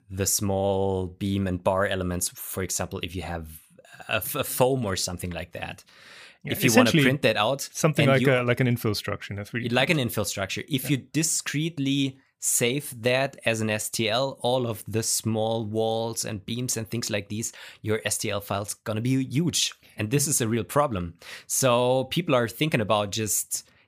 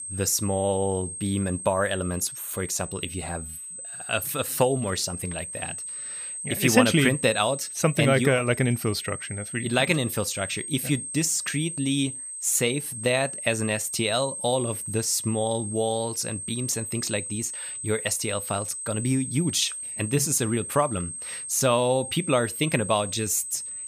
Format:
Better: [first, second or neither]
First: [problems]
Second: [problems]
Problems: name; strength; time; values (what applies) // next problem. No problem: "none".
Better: first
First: none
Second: high-pitched whine; loud; throughout; 8.5 kHz, 7 dB below the speech